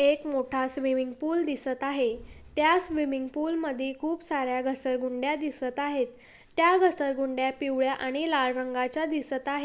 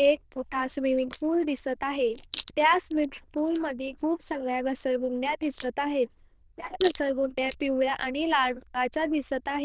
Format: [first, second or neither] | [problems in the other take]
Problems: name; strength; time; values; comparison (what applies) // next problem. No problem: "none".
first | noise reduction (neural diffusion model UNIVERSE++)